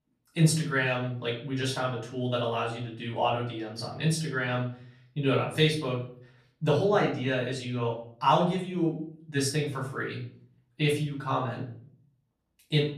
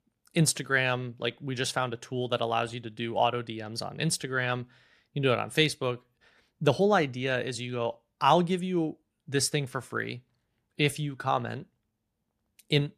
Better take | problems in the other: second | off-mic speech; far // room echo; slight; dies away in 0.5 s

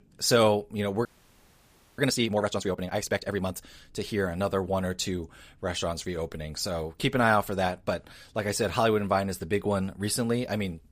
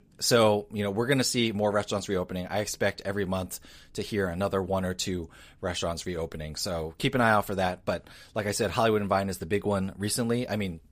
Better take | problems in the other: second | audio freezing; at 1 s for 1 s

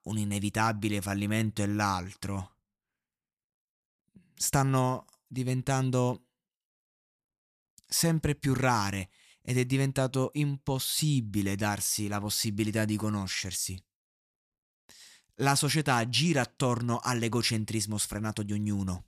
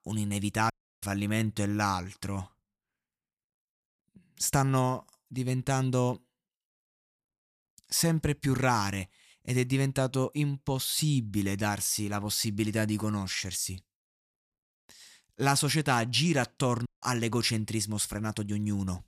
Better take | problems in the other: first | audio cutting out; at 0.5 s and at 17 s

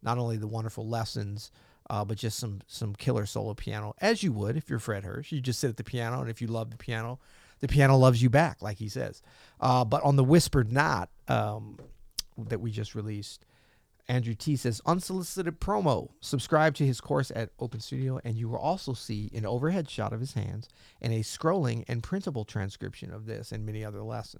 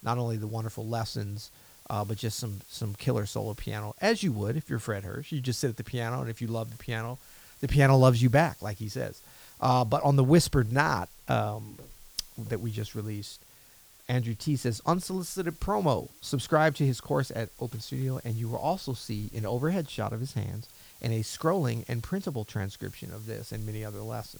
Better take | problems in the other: first | hiss; faint; throughout; 20 dB below the speech

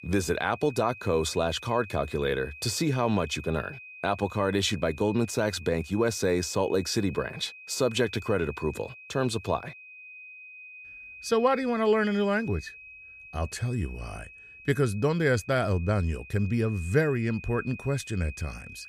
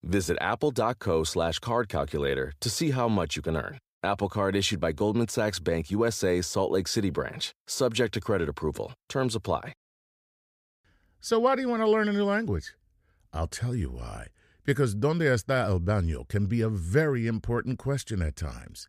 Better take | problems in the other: second | high-pitched whine; noticeable; throughout; 2.5 kHz, 15 dB below the speech

